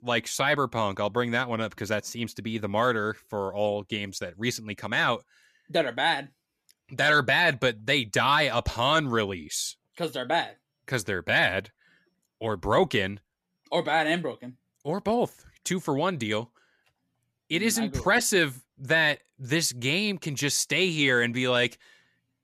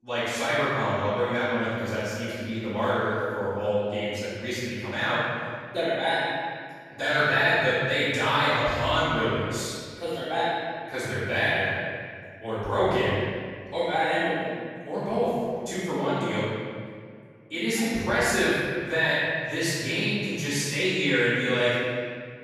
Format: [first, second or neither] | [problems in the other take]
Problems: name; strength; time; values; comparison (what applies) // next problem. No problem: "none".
first | room echo; strong; dies away in 1.9 s // off-mic speech; far